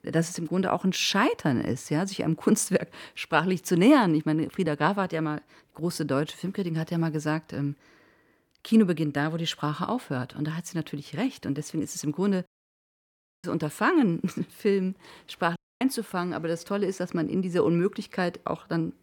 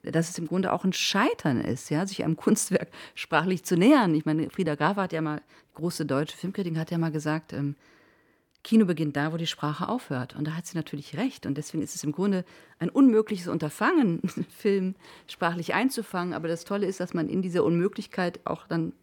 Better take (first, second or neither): second